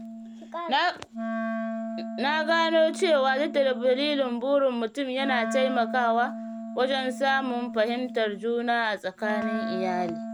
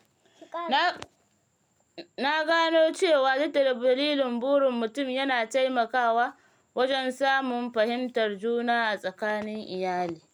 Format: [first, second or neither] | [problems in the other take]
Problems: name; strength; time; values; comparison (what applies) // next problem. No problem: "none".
second | background sound (Wind instrument, woodwind instrument); 8 dB below the speech